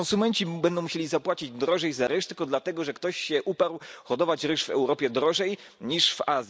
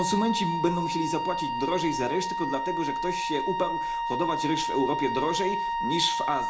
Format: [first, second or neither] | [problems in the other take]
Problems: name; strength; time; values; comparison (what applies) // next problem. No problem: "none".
first | background sound (Wind instrument, woodwind instrument); as loud as the speech // room echo; dies away in 0.4 s